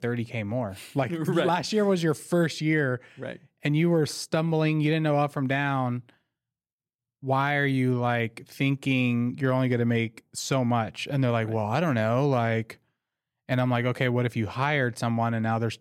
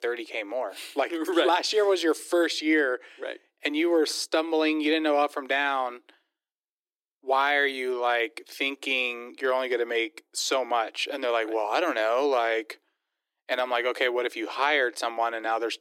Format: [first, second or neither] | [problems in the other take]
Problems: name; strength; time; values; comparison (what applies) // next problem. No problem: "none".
first | thin; very; fading below 300 Hz